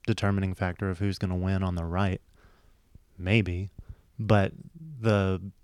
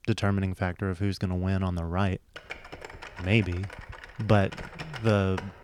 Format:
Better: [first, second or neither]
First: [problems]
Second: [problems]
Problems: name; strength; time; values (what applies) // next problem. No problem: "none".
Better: first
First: none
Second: keyboard typing; faint; from 2.5 s on; peak 10 dB below the speech